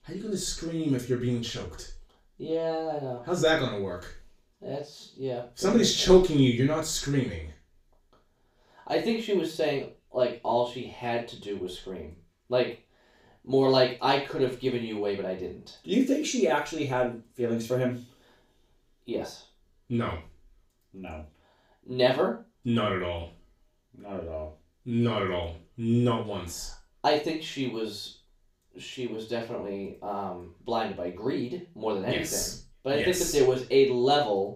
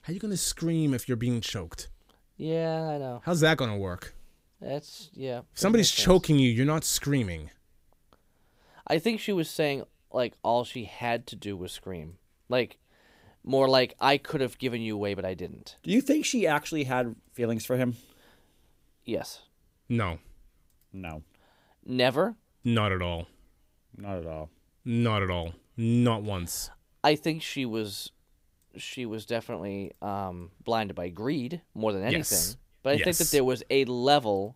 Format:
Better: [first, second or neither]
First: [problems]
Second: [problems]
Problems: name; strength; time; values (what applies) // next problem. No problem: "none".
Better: second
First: room echo; noticeable; dies away in 0.3 s // off-mic speech; far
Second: none